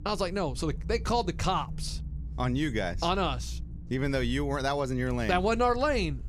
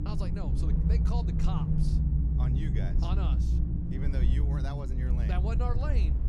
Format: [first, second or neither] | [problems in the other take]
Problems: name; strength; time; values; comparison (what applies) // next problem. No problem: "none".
first | low rumble; loud; throughout; as loud as the speech; faint in the first